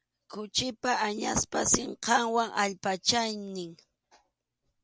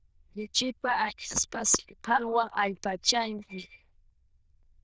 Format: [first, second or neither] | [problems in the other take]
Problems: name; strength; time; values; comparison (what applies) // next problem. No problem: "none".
first | noise reduction (neural diffusion model UNIVERSE++)